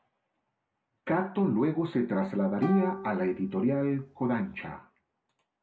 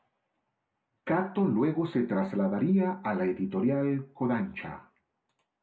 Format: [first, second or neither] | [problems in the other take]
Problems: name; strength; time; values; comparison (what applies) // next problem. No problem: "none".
second | background sound (Plucked string instrument); 11 dB below the speech